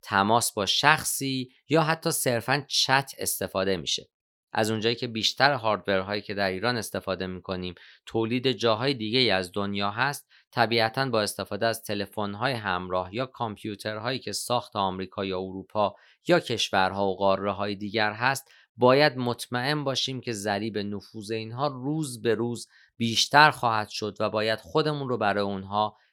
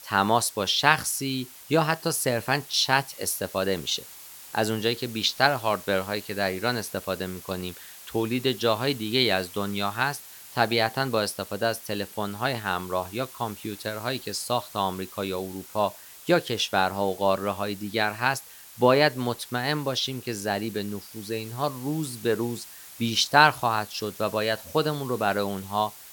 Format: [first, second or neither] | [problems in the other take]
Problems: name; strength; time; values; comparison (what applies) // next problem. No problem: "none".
first | hiss; noticeable; throughout; 15 dB below the speech